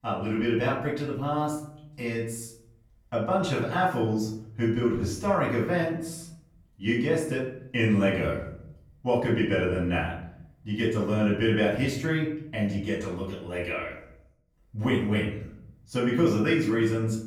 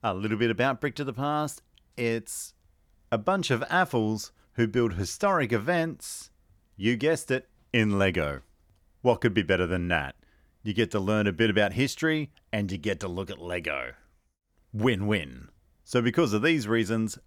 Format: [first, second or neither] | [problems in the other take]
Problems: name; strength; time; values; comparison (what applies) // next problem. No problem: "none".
second | off-mic speech; far // room echo; noticeable; dies away in 0.7 s